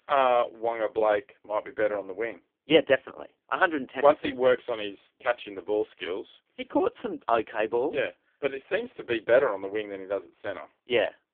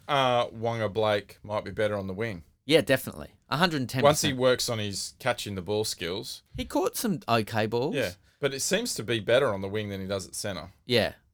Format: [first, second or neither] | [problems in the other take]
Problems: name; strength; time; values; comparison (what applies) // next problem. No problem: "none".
second | phone-call audio; poor line